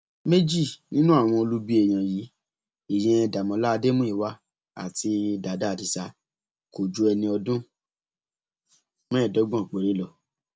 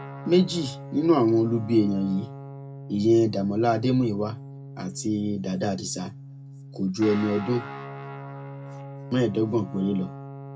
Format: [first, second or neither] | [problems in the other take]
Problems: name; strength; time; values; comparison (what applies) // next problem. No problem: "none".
first | background sound (Guitar); 13 dB below the speech // room echo; dies away in 0.2 s